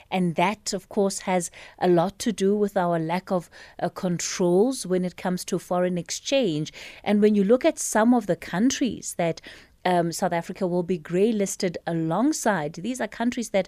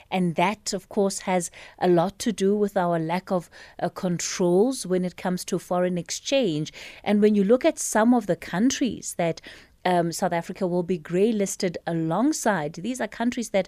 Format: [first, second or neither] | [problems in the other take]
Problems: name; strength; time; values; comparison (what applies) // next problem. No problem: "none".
neither | none